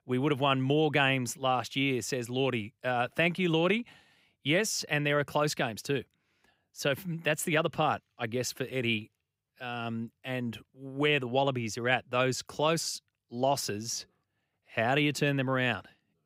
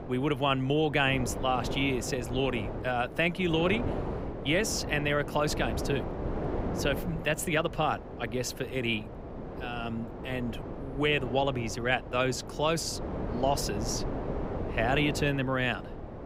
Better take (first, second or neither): first